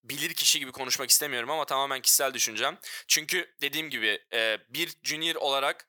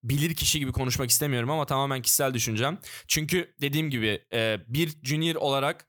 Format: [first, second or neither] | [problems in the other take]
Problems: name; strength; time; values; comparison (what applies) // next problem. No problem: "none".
second | thin; very; fading below 500 Hz